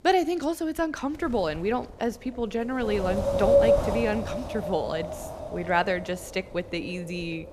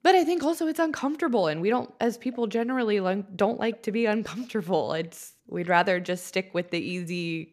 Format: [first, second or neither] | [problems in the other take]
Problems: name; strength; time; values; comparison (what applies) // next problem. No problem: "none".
second | wind noise on the microphone; heavy; 2 dB above the speech